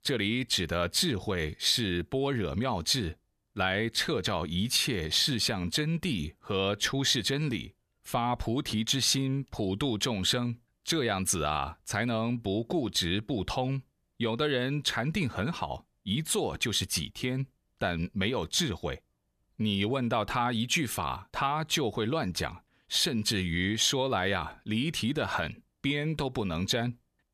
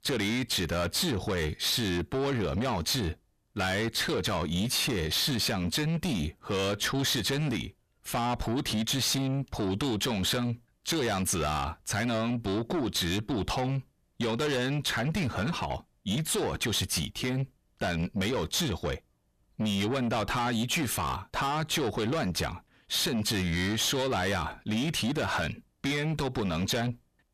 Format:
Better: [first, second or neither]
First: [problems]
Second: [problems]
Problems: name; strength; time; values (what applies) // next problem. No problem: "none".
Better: first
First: none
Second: distortion; heavy; 7 dB below the speech